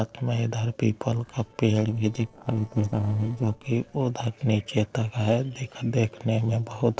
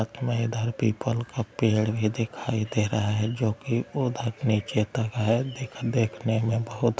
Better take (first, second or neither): second